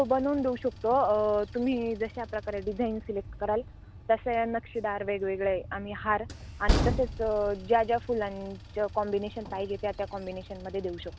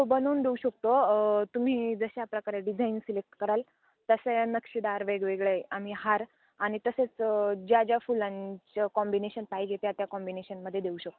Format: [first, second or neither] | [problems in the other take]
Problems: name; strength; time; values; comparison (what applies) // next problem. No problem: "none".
second | background sound (Train); 7 dB below the speech